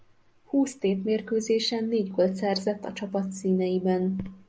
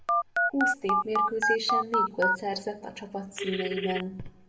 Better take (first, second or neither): first